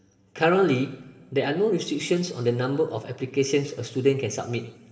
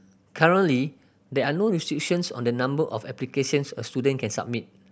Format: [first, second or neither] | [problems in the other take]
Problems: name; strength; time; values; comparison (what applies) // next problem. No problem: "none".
second | room echo; dies away in 1.6 s